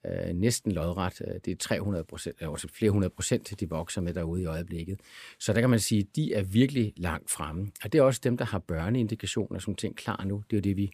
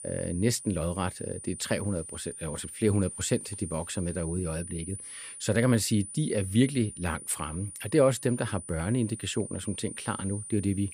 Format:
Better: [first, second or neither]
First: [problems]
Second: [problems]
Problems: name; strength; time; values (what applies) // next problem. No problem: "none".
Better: first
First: none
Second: high-pitched whine; noticeable; throughout; 9.5 kHz, 10 dB below the speech